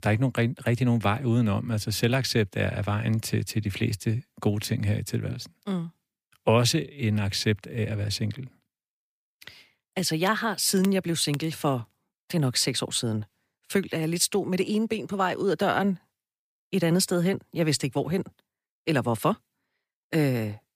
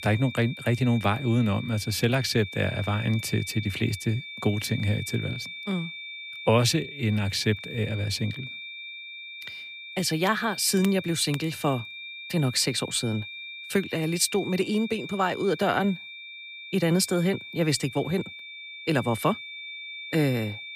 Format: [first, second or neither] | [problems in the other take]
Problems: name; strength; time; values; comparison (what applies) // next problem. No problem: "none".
first | high-pitched whine; noticeable; throughout; 2.5 kHz, 10 dB below the speech